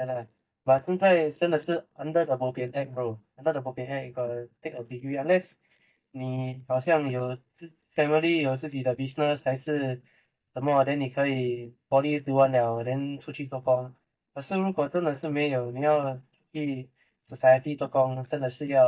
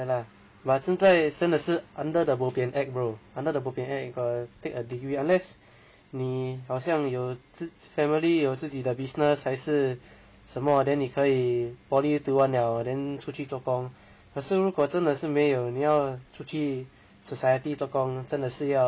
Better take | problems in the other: second | noise reduction (neural mask model DeepFilterNet 3)

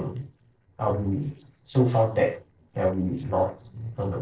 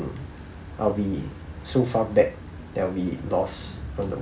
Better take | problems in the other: second | noise reduction (neural separator model SepFormer DNS4)

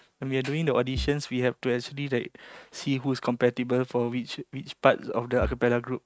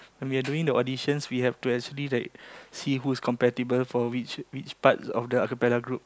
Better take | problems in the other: second | noise reduction (neural mask model RNNoise)

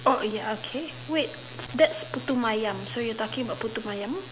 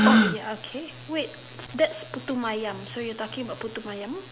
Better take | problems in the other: first | background sound (Gasp); 2 dB above the speech

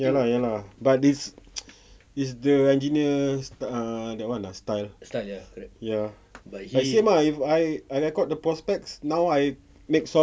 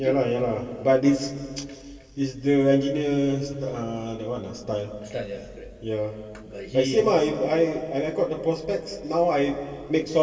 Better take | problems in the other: first | room echo; dies away in 2.9 s

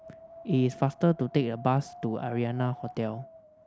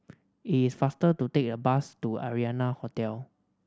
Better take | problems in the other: second | background sound (Wind); 18 dB below the speech

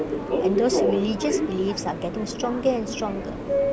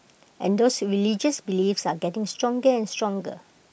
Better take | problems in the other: second | background sound (Subway, metro, underground); 1 dB above the speech

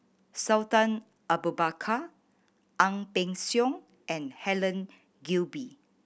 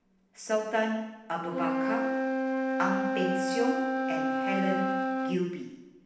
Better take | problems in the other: first | background sound (Wind instrument, woodwind instrument); 2 dB above the speech // room echo; dies away in 0.9 s

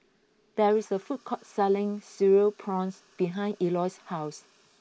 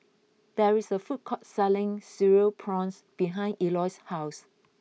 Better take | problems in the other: second | noise reduction (neural mask model Resemble Enhance denoiser)

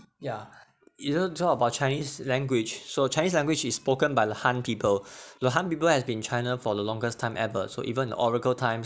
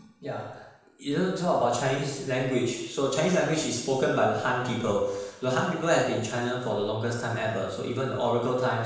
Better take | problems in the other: first | room echo; dies away in 1 s

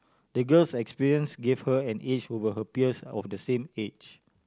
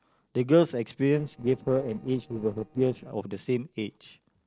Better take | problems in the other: first | noise reduction (neural separator model SepFormer DNS4)

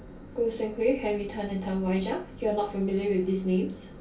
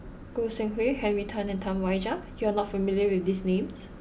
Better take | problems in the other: second | room echo; dies away in 0.2 s

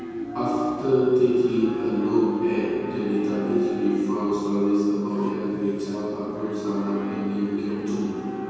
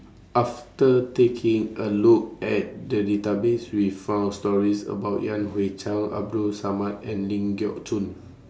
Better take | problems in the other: second | background sound (Livestock, farm animals, working animals); 11 dB below the speech // room echo; dies away in 2.1 s

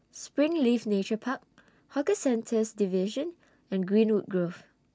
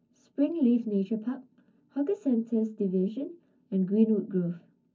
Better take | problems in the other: first | room echo; dies away in 0.4 s

